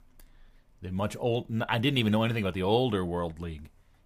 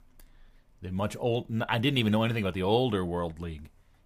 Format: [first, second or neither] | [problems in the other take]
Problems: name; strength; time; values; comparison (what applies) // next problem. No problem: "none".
neither | none